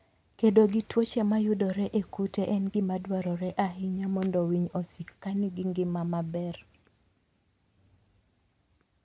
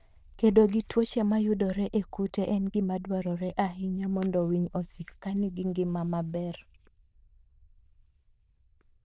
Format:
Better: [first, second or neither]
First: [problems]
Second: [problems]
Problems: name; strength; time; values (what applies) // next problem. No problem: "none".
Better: first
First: none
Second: noise reduction (neural diffusion model UNIVERSE++)